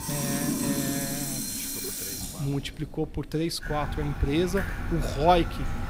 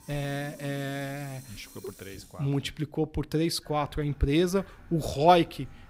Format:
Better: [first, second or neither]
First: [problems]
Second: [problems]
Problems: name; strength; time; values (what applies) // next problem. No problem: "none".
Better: second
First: household noises; loud; throughout; 2 dB below the speech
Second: household noises; faint; throughout; 20 dB below the speech